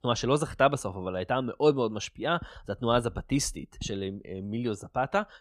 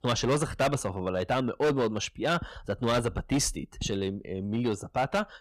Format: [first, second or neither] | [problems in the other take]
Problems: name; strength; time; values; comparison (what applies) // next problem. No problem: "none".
first | distortion; heavy; 9% of the sound clipped